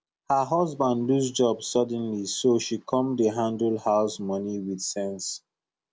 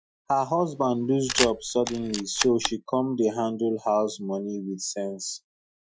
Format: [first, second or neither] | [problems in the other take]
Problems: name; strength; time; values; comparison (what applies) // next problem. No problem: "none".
first | noise reduction (classical method Wiener filter)